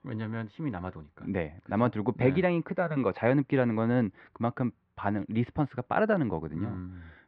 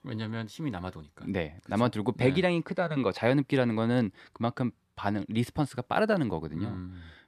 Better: second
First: muffled; very; fading above 2.5 kHz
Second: none

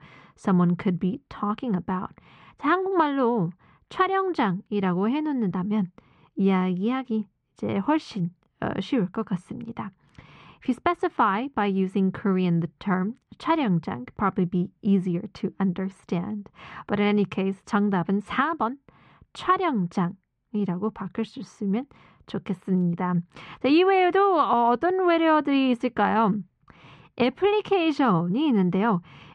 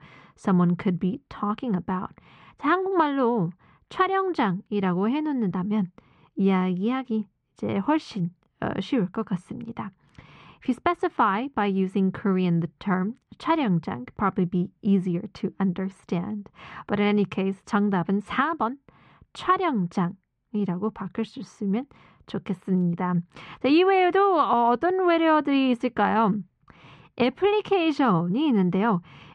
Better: neither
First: muffled; slightly; fading above 2.5 kHz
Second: muffled; slightly; fading above 2.5 kHz

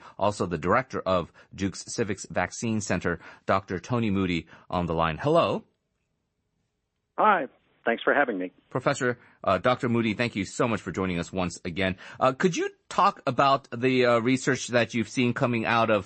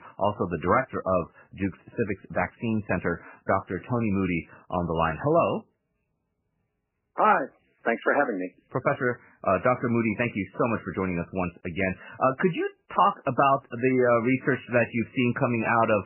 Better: first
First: garbled, watery; slightly; nothing above 8 kHz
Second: garbled, watery; badly; nothing above 3 kHz

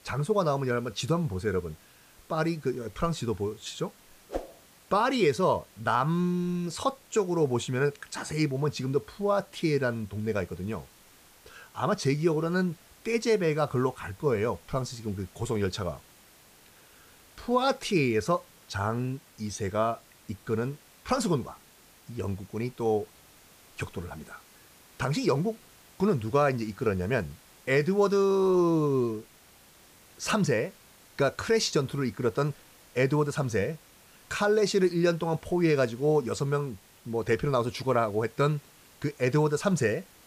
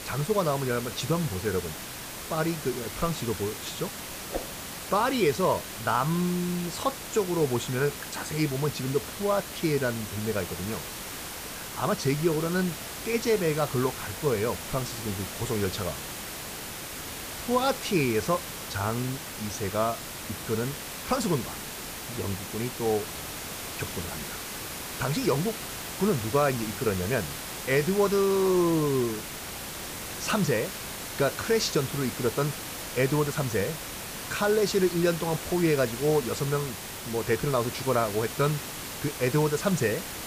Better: first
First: hiss; faint; throughout; 25 dB below the speech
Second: hiss; loud; throughout; 7 dB below the speech

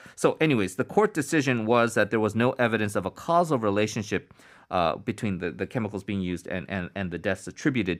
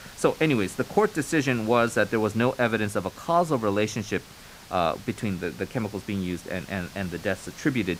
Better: first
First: none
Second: hiss; noticeable; throughout; 20 dB below the speech

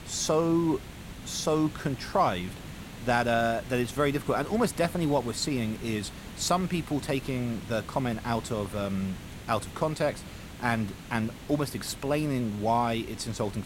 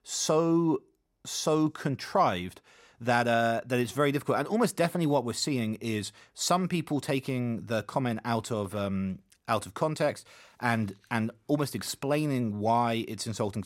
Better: second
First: hiss; noticeable; throughout; 15 dB below the speech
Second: none

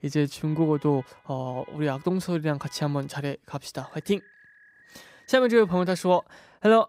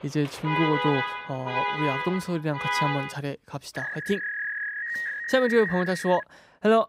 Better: first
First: alarms or sirens; faint; throughout; 30 dB below the speech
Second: alarms or sirens; loud; throughout; 2 dB below the speech

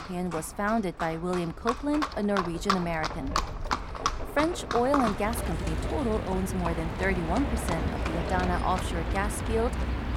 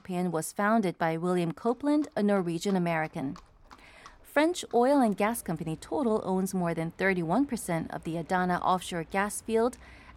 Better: second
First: animal sounds; loud; throughout; 2 dB below the speech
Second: animal sounds; faint; throughout; 25 dB below the speech

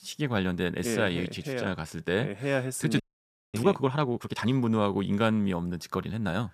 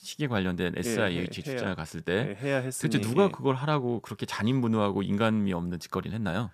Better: second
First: audio freezing; at 3 s for 0.5 s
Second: none

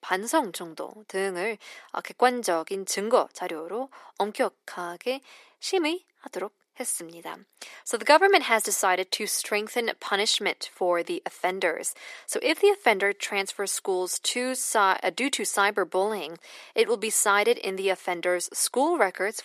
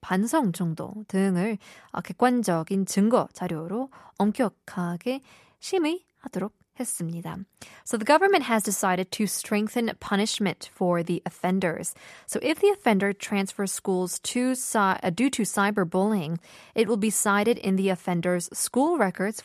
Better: second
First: thin; somewhat; fading below 350 Hz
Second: none

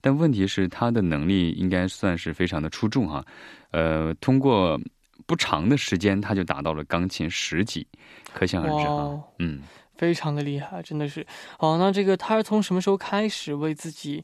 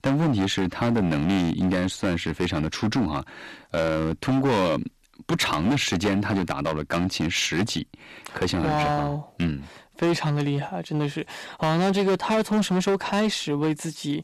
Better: first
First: none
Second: distortion; heavy; 13% of the sound clipped

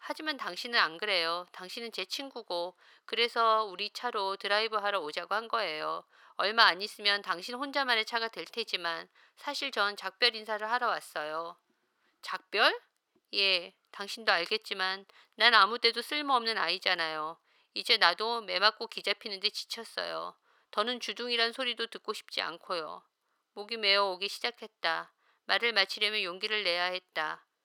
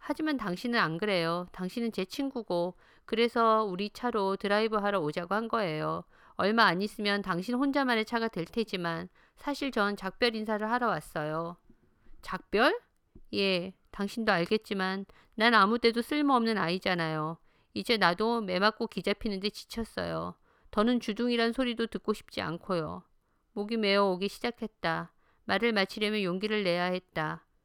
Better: second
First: thin; very; fading below 550 Hz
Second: none

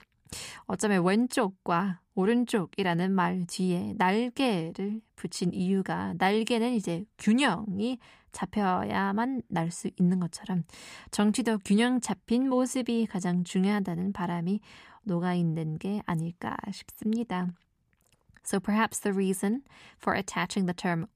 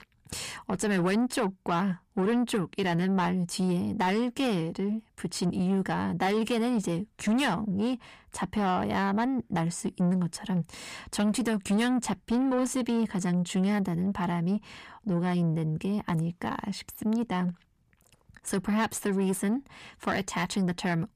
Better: first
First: none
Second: distortion; slight; 10 dB below the speech

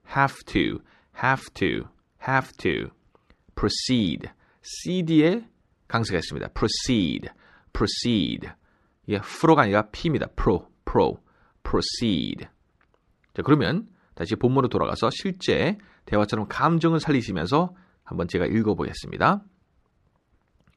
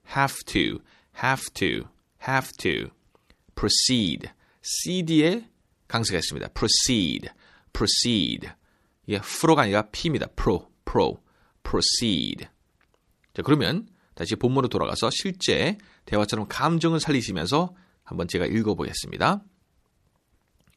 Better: second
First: muffled; slightly; fading above 2 kHz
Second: none

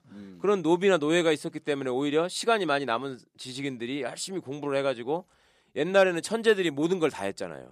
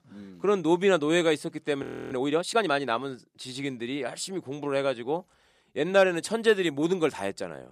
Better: first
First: none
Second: audio freezing; at 2 s

